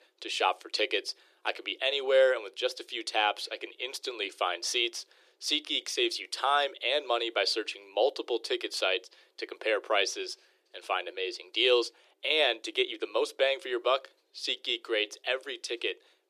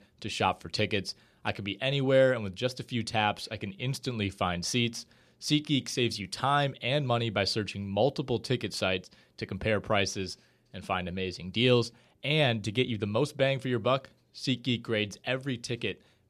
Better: second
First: thin; very; fading below 350 Hz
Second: none

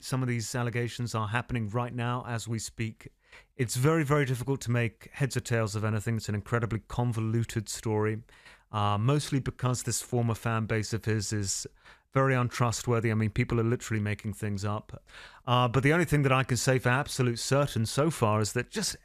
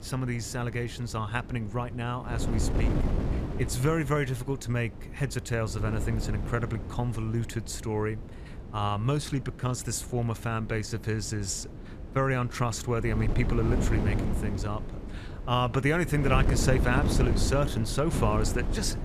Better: first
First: none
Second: wind noise on the microphone; heavy; 9 dB below the speech

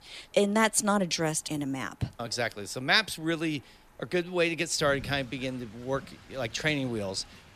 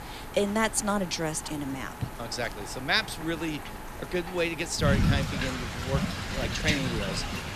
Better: first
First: rain or running water; faint; throughout; 25 dB below the speech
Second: rain or running water; loud; throughout; 3 dB below the speech

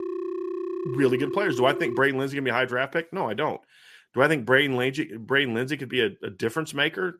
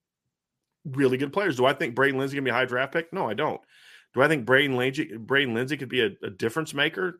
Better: second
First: phone ringing; noticeable; until 2 s; peak 6 dB below the speech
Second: none

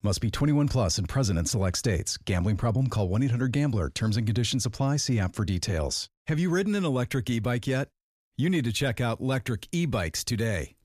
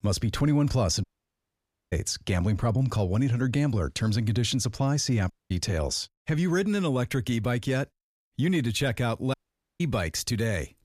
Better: first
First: none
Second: audio cutting out; at 1 s for 1 s, at 5.5 s and at 9.5 s

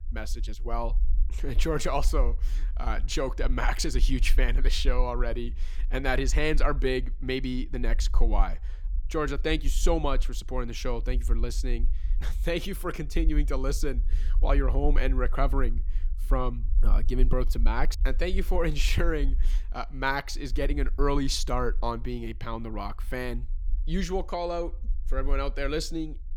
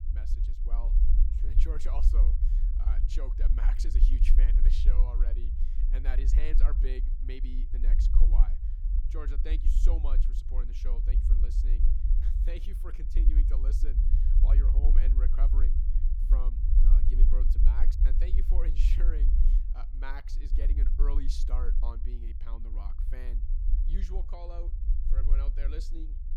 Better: first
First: low rumble; faint; throughout; 25 dB below the speech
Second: low rumble; loud; throughout; 4 dB below the speech

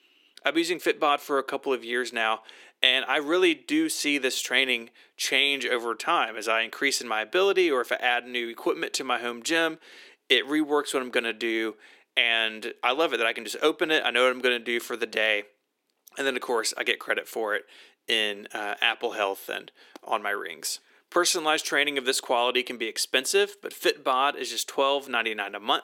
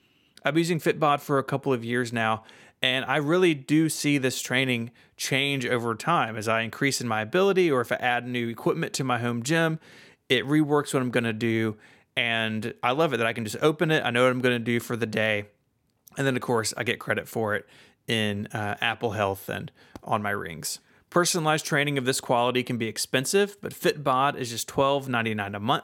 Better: second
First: thin; somewhat; fading below 350 Hz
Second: none

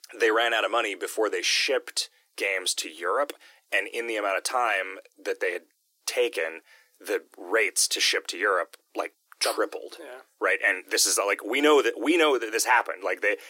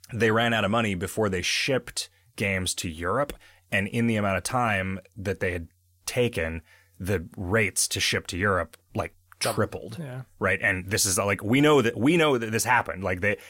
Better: second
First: thin; very; fading below 300 Hz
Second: none

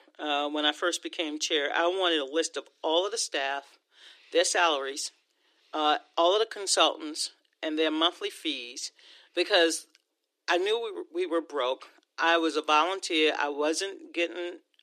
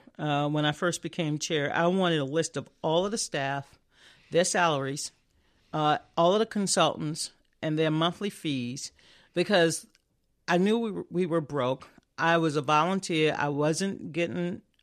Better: second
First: thin; very; fading below 300 Hz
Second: none

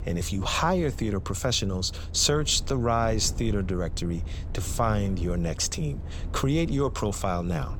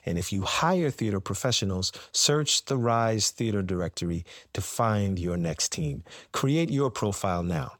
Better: second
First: low rumble; faint; throughout; 20 dB below the speech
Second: none

